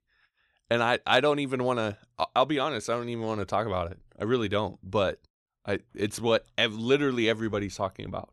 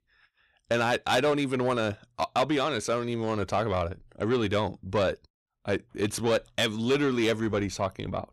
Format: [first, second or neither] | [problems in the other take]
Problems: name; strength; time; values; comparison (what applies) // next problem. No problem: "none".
first | distortion; slight; 10 dB below the speech